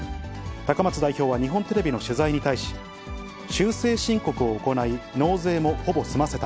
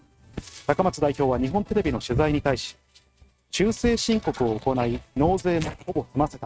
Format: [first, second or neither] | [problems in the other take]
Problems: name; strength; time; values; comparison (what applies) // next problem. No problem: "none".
first | noise reduction (neural mask model RNNoise)